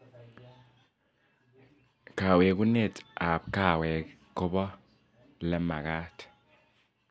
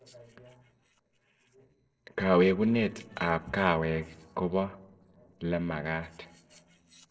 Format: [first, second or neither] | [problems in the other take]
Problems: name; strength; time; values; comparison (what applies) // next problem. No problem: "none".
first | noise reduction (neural separator model SepFormer DNS4)